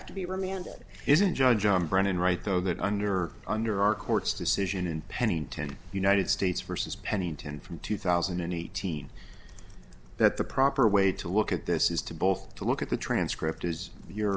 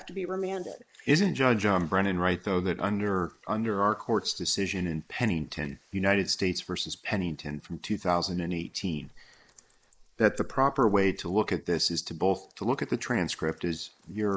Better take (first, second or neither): first